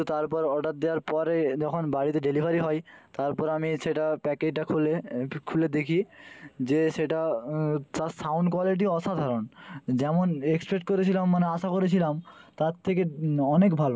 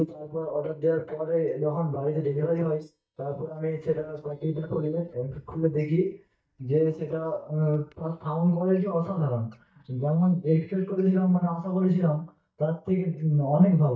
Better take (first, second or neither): first